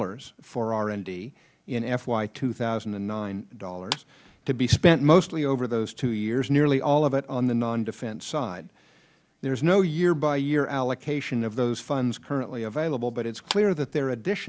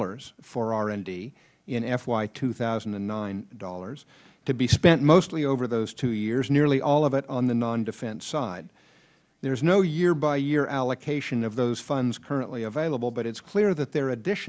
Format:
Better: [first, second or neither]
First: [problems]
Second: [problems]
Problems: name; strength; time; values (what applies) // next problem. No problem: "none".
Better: second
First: background sound (Clapping); 13 dB below the speech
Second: none